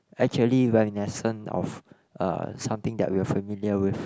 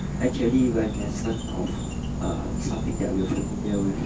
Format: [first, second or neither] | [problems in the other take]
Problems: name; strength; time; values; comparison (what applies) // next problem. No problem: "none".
first | background sound (Insect); 2 dB below the speech // room echo; dies away in 0.2 s